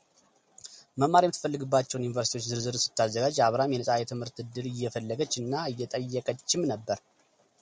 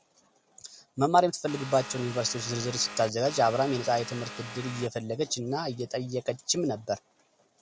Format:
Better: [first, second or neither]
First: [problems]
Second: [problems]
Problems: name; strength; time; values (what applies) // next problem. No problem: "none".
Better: first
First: none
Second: background sound (Vehicle); 12 dB below the speech